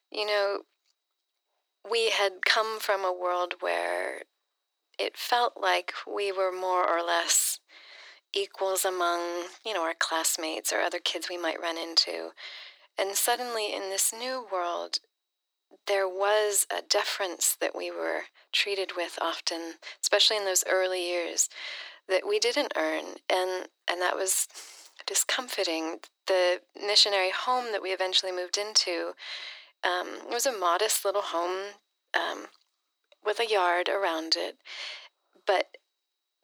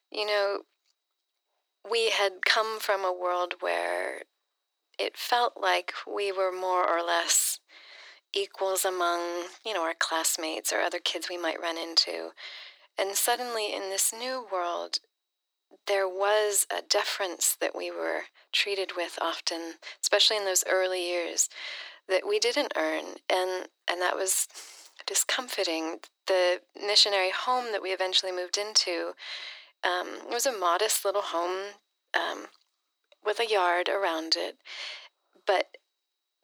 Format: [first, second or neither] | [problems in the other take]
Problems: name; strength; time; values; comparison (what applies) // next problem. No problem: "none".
neither | thin; very; fading below 300 Hz; the same in both